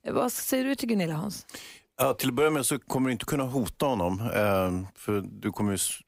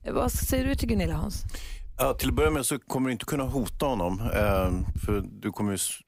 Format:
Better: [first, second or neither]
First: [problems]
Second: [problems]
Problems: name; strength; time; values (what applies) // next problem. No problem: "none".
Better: first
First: none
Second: low rumble; faint; until 2.5 s and from 3.5 to 5 s; 20 dB below the speech